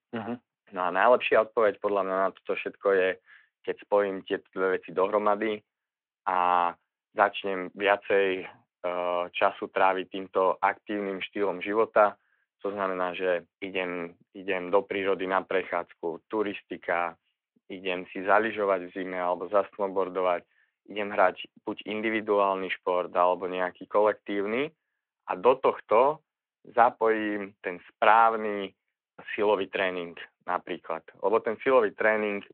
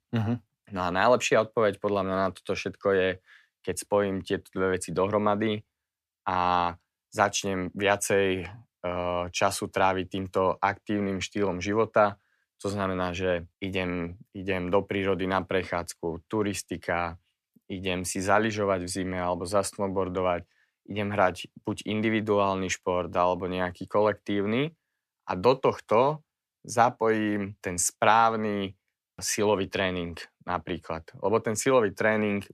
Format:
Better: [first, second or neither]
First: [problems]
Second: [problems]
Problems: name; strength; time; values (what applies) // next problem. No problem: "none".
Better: second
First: phone-call audio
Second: none